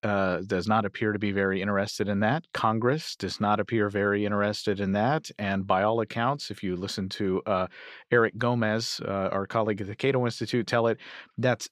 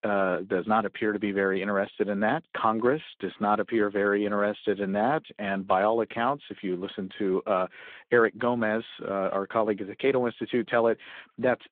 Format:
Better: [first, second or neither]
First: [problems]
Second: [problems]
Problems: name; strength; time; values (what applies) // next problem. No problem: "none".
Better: first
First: none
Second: phone-call audio